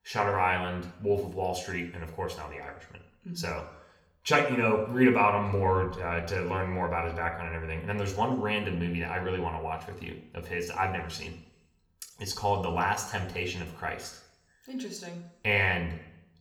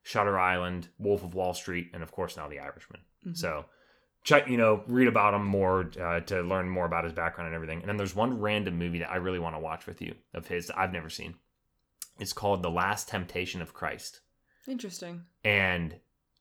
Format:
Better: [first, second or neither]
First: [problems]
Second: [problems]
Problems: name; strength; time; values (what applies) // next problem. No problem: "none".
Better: second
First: room echo; slight; dies away in 0.6 s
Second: none